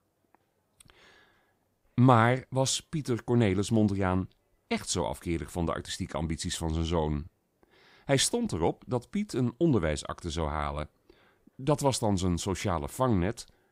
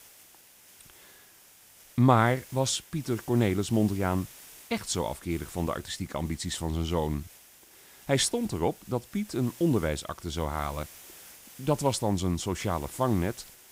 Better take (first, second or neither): first